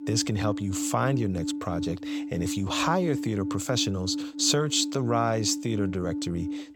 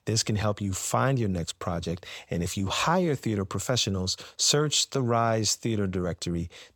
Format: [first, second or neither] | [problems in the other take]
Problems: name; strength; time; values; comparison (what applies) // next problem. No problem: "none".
second | alarms or sirens; loud; throughout; 6 dB below the speech